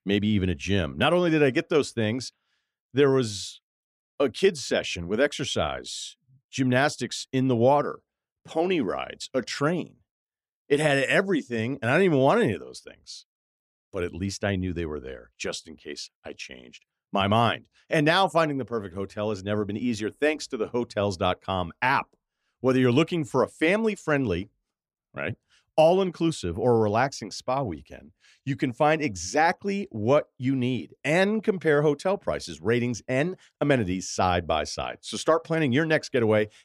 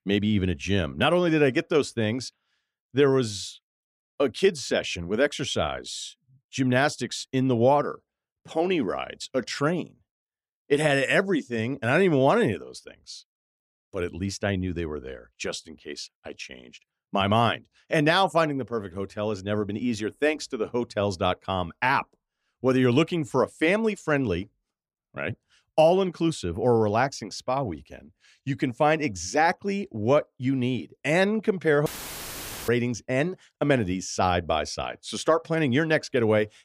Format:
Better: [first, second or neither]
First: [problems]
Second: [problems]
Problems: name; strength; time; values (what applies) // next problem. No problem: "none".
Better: first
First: none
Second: audio cutting out; filled with static; at 32 s for 1 s